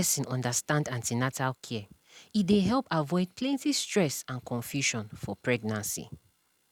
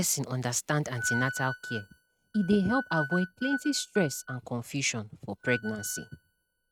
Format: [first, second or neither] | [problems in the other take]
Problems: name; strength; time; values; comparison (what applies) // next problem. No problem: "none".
first | noise reduction (neural mask model RNNoise)